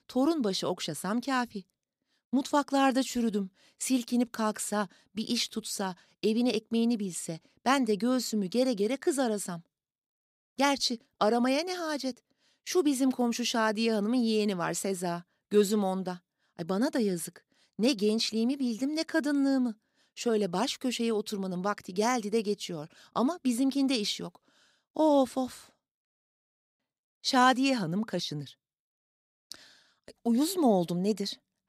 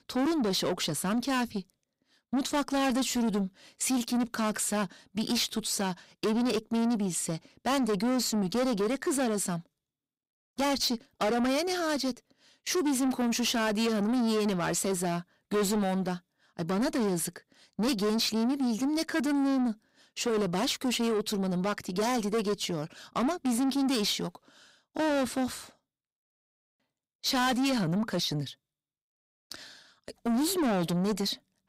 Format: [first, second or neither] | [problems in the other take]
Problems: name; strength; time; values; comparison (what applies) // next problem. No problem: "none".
first | distortion; heavy; 7 dB below the speech